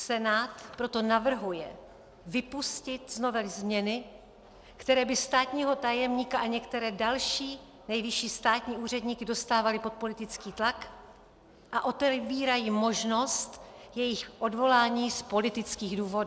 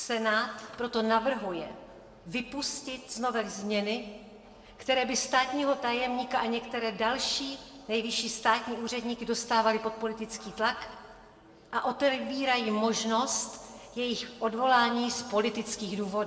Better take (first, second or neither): first